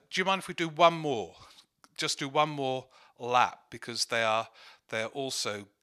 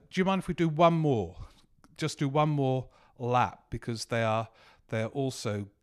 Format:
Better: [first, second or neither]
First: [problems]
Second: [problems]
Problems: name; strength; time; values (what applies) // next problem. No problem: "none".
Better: second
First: thin; somewhat; fading below 1 kHz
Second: none